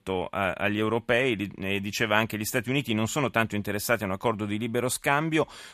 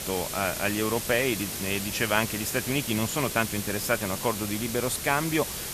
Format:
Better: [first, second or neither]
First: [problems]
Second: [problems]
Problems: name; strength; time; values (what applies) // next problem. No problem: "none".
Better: first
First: none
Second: hiss; loud; throughout; 4 dB below the speech